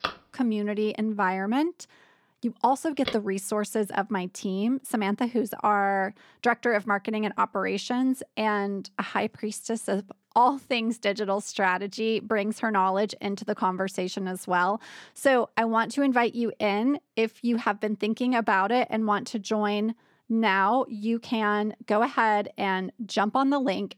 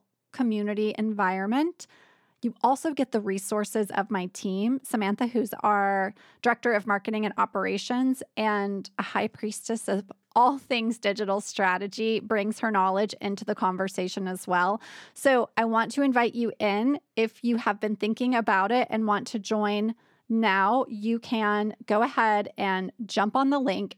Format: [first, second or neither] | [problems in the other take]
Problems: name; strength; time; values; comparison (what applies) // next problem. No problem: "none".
second | phone ringing; noticeable; until 3 s; peak 7 dB below the speech